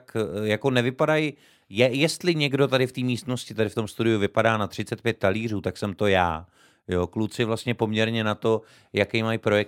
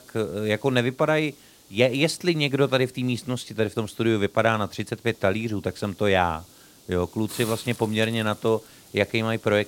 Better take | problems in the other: first | hiss; faint; throughout; 20 dB below the speech

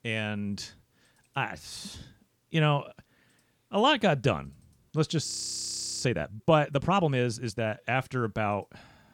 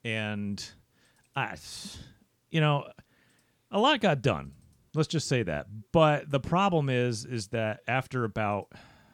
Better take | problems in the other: second | audio freezing; at 5.5 s for 0.5 s

